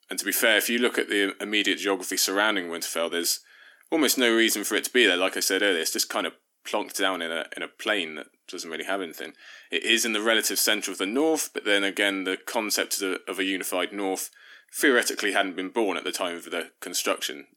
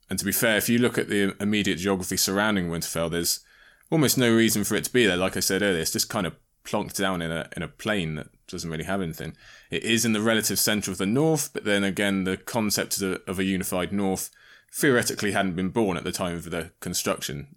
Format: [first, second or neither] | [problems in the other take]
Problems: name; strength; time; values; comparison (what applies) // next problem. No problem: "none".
second | thin; somewhat; fading below 250 Hz